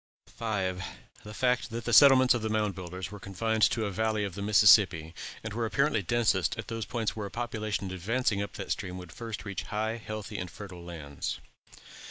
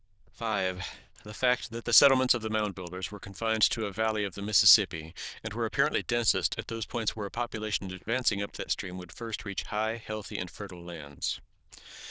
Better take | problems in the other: first | noise reduction (neural diffusion model UNIVERSE++)

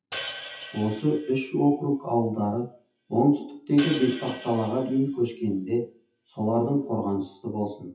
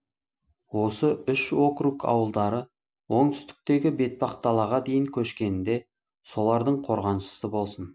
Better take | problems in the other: second | noise reduction (classical method WPE with log-MMSE)

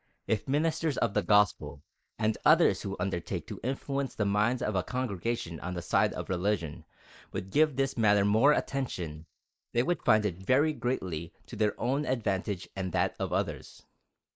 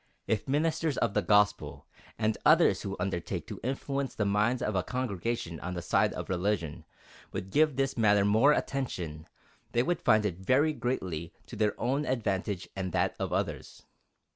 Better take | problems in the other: second | noise reduction (neural mask model Resemble Enhance denoiser)

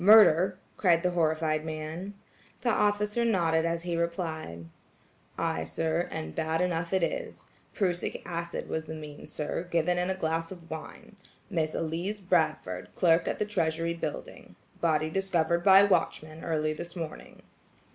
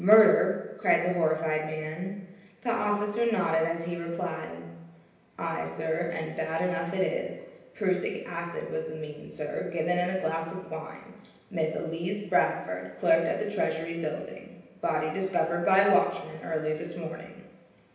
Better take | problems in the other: first | room echo; dies away in 0.9 s

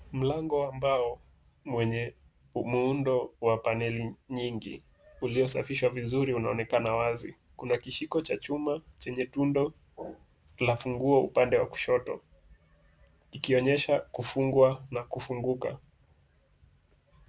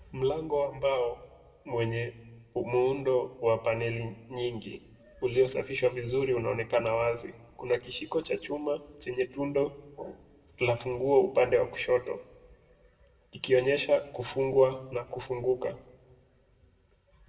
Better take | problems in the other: first | room echo; dies away in 0.8 s

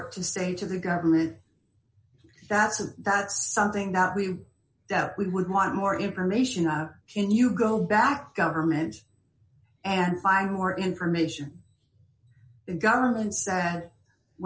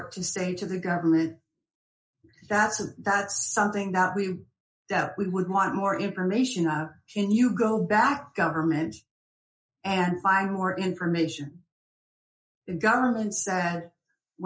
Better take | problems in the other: first | noise reduction (neural mask model Resemble Enhance denoiser)

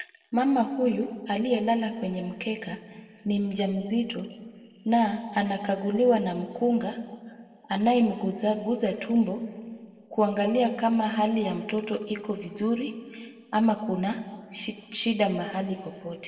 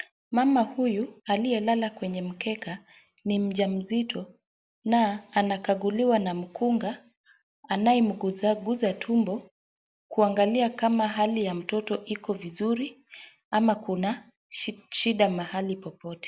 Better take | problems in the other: second | room echo; dies away in 1.9 s

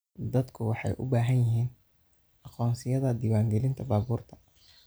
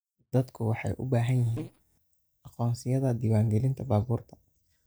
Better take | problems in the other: first | noise reduction (neural mask model DeepFilterNet 3)

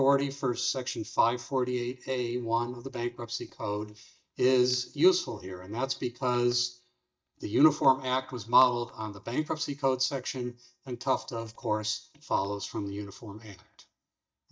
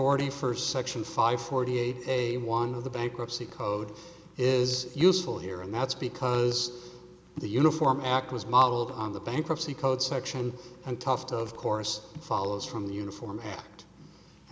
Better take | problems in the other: second | noise reduction (neural mask model DeepFilterNet 3)

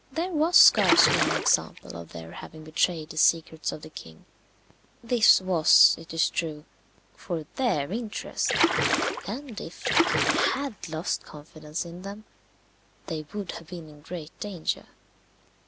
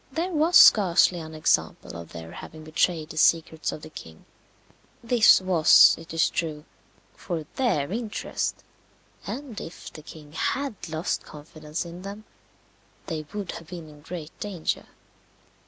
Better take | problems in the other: second | background sound (Splash, splatter); 2 dB above the speech

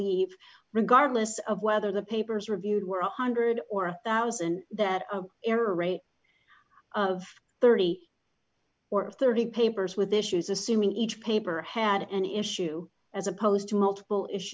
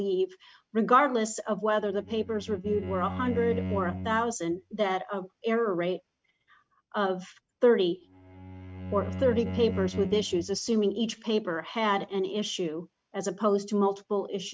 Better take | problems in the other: first | noise reduction (neural mask model RNNoise)

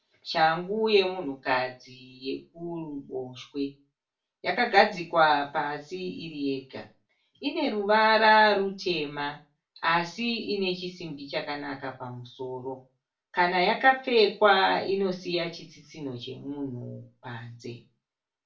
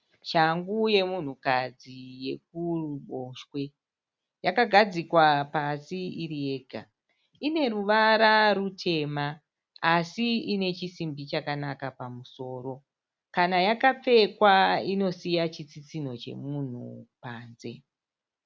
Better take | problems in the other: second | room echo; dies away in 0.3 s

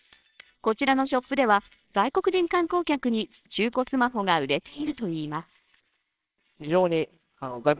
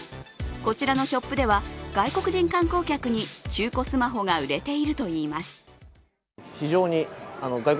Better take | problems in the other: second | noise reduction (neural separator model SepFormer WHAMR!)

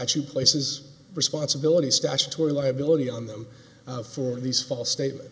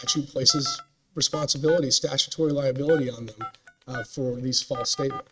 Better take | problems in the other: first | noise reduction (neural mask model RNNoise)

